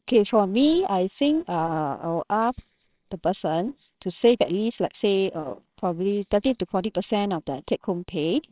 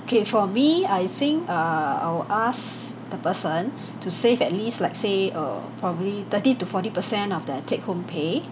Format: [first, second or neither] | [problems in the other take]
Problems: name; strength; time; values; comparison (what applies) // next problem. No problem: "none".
second | noise reduction (neural separator model SepFormer WHAMR!)